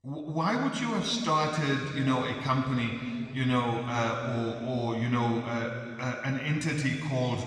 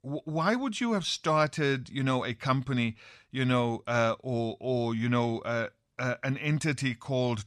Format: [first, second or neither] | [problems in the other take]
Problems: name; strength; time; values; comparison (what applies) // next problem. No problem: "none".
second | room echo; noticeable; dies away in 2.6 s // off-mic speech; somewhat distant